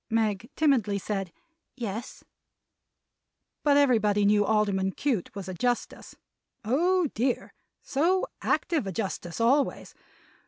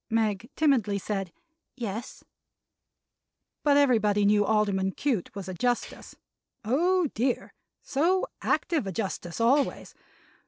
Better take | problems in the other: first | noise reduction (neural separator model SepFormer DNS4)

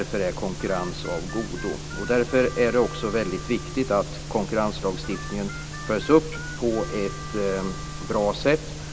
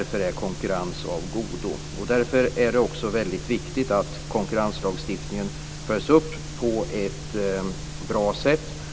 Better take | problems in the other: second | background sound (Harmonica); 17 dB below the speech

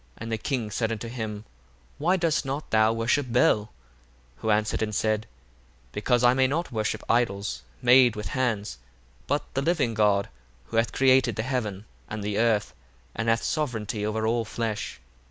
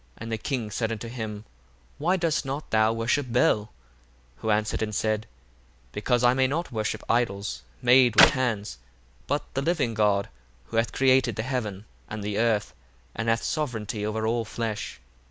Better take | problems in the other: first | background sound (Clapping); 1 dB above the speech

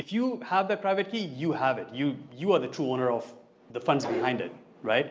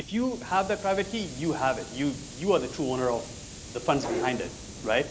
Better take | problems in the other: first | background sound (Hiss); 14 dB below the speech

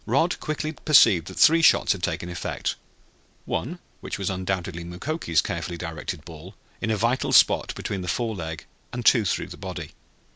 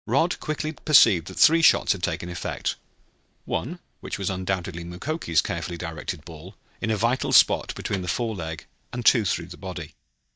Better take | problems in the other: first | noise reduction (neural mask model DeepFilterNet 3)

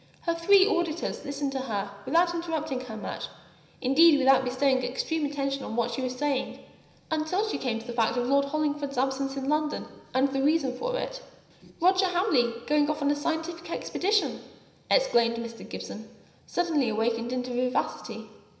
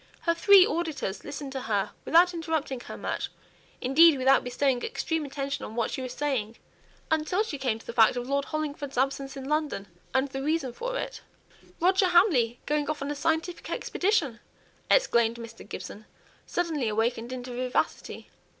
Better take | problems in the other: second | room echo; dies away in 0.9 s

